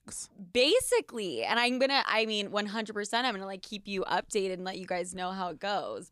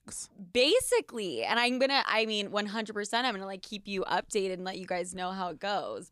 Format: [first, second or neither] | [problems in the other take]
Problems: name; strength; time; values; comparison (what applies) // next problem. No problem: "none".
neither | none